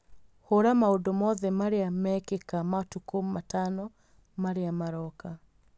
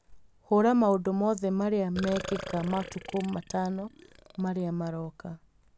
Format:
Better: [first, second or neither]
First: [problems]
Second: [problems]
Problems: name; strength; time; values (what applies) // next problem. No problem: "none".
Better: first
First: none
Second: background sound (Burping, eructation); 14 dB below the speech